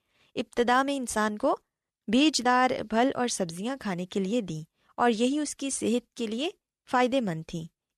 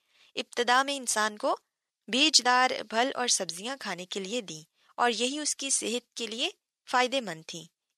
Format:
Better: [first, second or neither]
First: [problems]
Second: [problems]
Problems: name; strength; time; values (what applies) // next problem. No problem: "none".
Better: first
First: none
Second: thin; somewhat; fading below 850 Hz